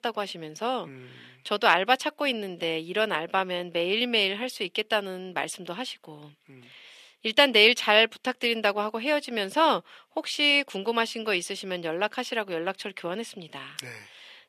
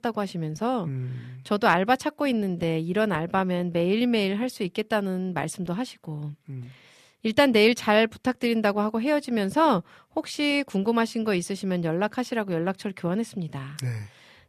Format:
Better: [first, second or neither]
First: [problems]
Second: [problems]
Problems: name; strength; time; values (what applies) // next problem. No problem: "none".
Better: second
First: thin; somewhat; fading below 400 Hz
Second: none